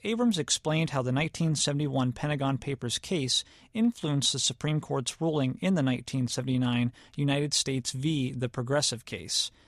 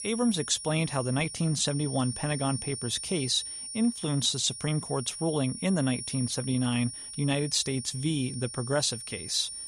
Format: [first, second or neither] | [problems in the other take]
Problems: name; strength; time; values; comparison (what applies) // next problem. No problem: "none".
first | high-pitched whine; loud; throughout; 9.5 kHz, 8 dB below the speech